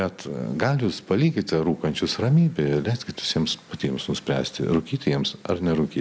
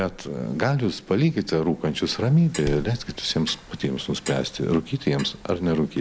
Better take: first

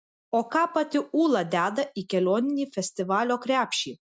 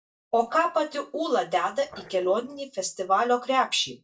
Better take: first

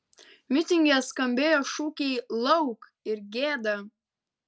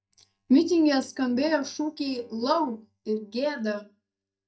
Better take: first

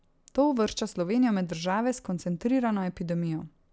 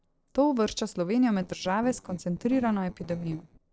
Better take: first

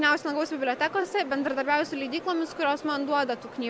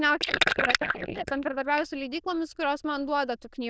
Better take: first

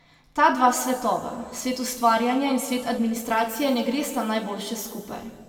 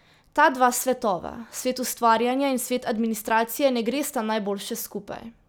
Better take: second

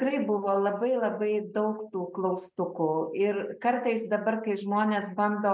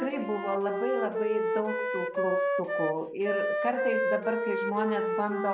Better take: first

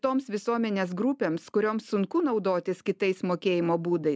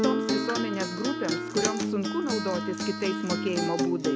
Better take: first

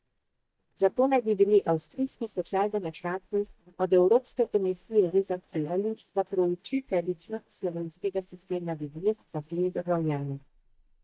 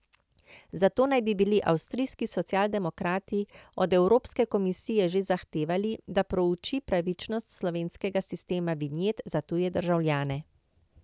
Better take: second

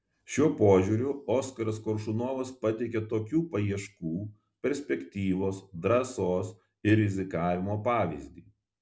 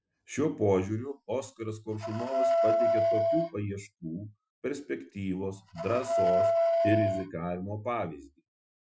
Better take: first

